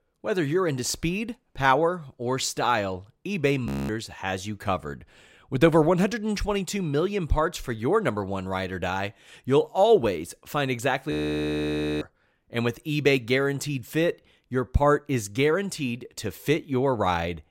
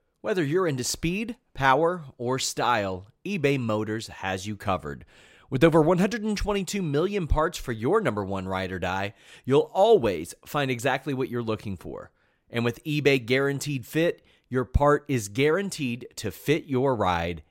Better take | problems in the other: second | audio freezing; at 3.5 s and at 11 s for 1 s

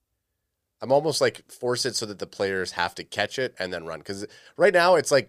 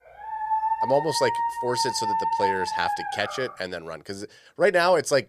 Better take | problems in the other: first | dog barking; loud; until 3.5 s; peak 1 dB above the speech

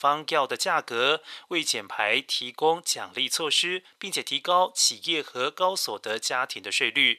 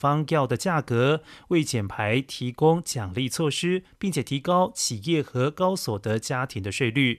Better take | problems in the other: second | thin; very; fading below 650 Hz

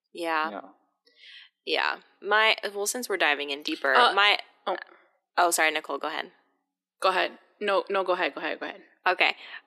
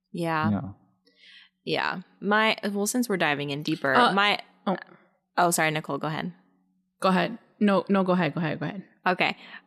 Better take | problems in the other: second | thin; very; fading below 350 Hz

